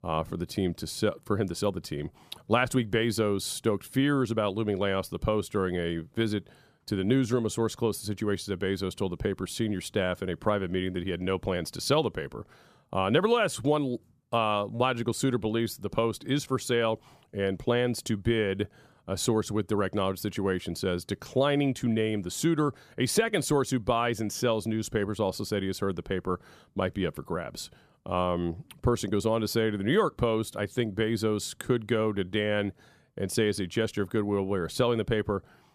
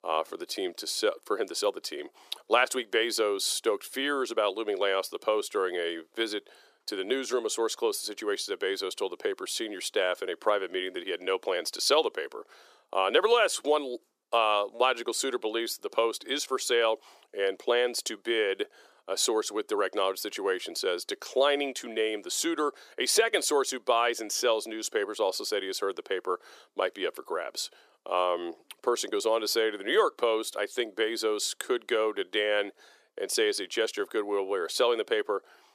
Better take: first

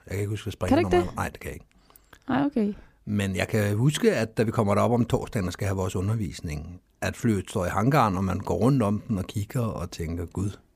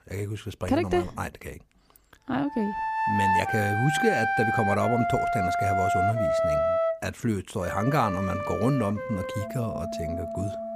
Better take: first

